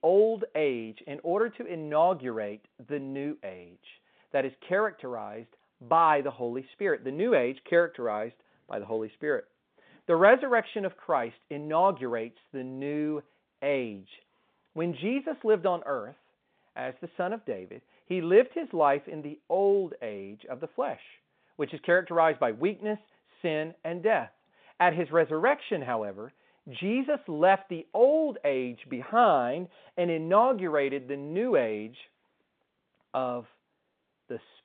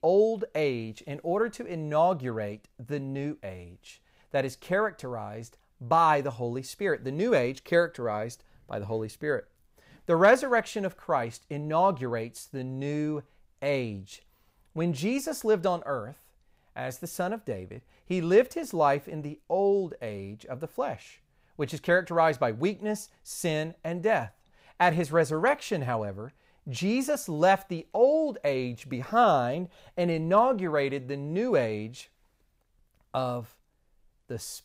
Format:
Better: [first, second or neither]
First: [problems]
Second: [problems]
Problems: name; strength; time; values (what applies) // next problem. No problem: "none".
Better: second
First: phone-call audio; nothing above 3.5 kHz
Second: none